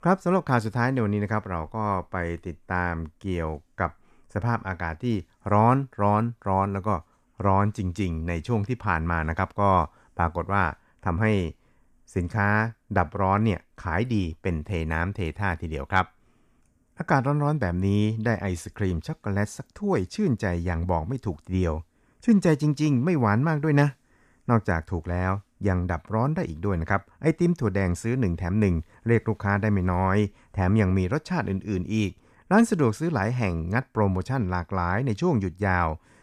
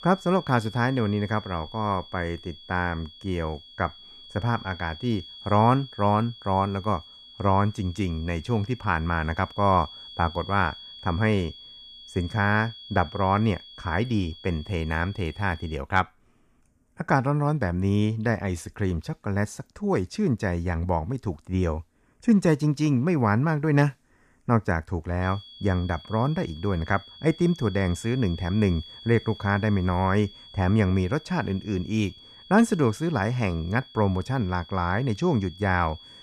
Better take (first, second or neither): first